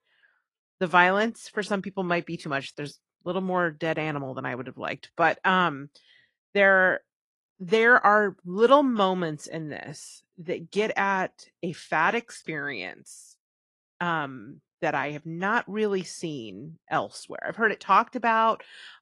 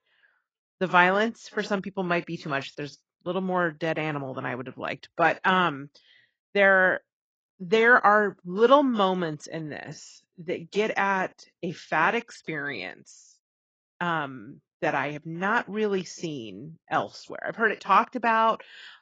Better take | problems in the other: first | garbled, watery; badly; nothing above 7.5 kHz; slightly in the first

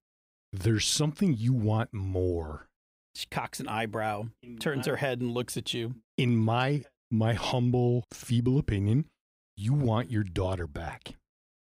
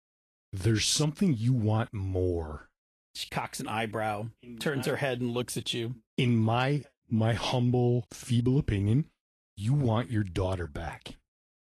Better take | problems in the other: first | garbled, watery; slightly; nothing above 12.5 kHz

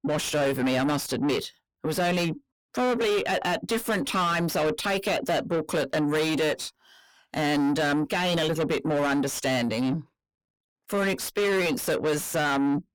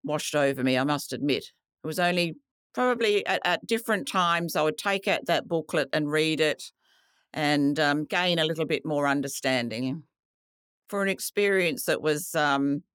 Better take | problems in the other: second | distortion; heavy; 7 dB below the speech

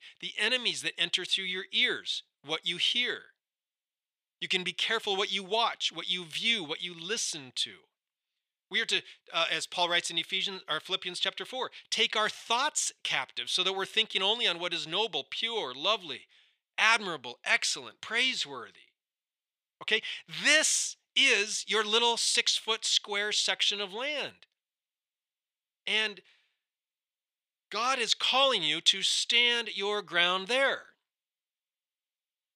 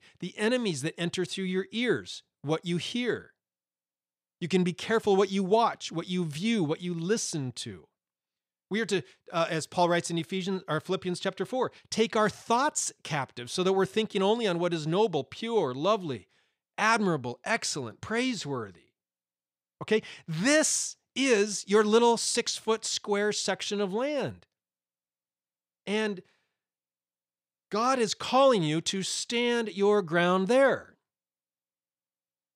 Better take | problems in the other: second | thin; somewhat; fading below 1 kHz

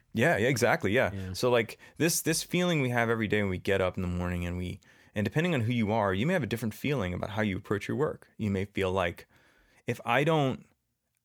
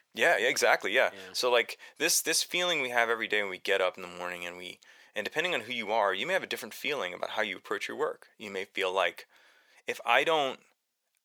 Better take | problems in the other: first | thin; very; fading below 600 Hz

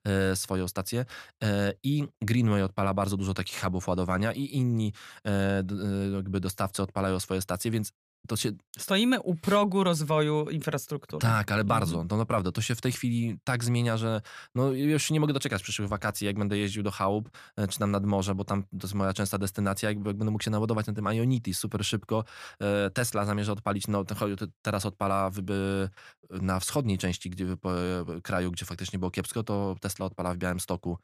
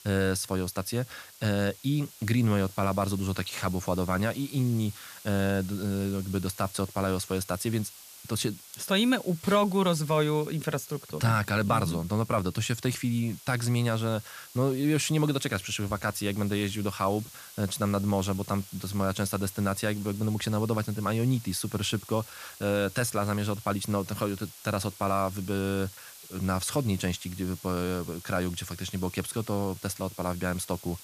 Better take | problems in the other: first | hiss; noticeable; throughout; 15 dB below the speech

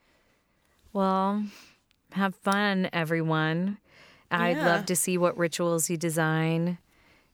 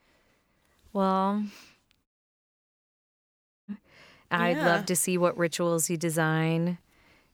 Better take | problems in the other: first | audio cutting out; at 2 s for 1.5 s

